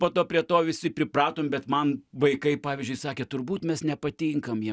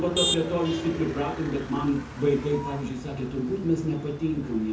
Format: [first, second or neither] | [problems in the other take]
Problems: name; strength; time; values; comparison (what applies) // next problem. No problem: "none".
first | background sound (Motor vehicle (road)); 8 dB below the speech // room echo; dies away in 0.6 s